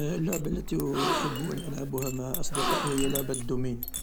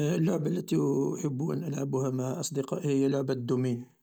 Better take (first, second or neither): second